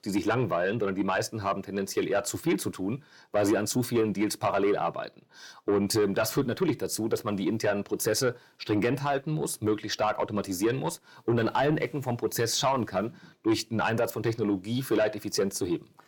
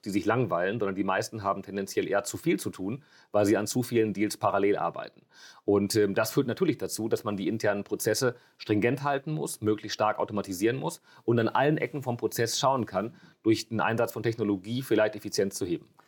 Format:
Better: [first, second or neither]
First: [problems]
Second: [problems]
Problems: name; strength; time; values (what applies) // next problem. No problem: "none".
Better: second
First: distortion; slight; 10 dB below the speech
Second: none